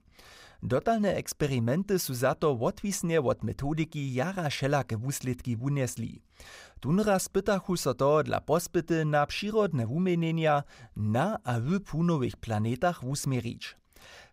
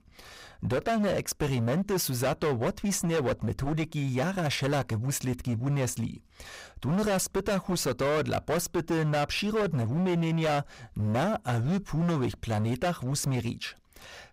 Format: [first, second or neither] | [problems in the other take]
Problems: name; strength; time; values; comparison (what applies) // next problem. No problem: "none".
first | distortion; heavy; 20% of the sound clipped